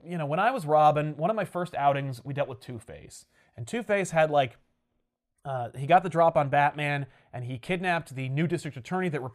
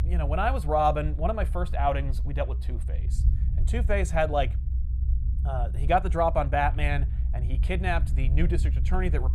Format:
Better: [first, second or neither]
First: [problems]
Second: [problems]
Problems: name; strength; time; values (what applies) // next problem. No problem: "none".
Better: first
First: none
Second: low rumble; noticeable; throughout; 20 dB below the speech